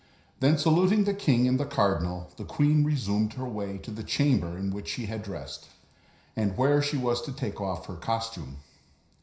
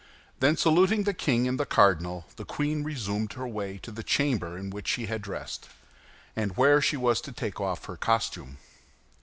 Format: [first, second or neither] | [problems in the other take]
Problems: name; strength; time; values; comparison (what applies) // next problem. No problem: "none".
second | room echo; dies away in 0.5 s